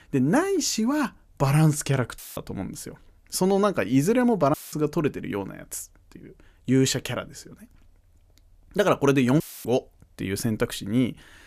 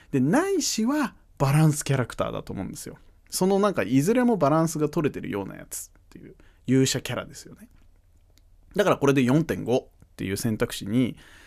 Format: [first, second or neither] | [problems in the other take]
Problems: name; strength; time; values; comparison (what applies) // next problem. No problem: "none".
second | audio cutting out; filled with static; at 2 s, at 4.5 s and at 9.5 s